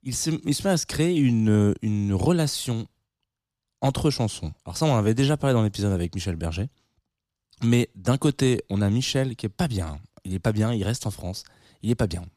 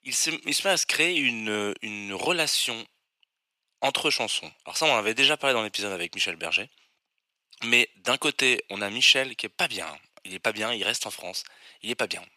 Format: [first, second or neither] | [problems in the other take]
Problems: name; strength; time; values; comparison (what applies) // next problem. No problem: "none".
first | thin; very; fading below 600 Hz